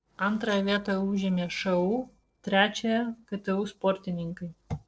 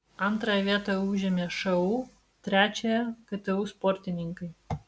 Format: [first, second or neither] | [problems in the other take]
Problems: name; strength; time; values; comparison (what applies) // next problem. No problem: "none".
second | noise reduction (neural separator model SepFormer DNS4)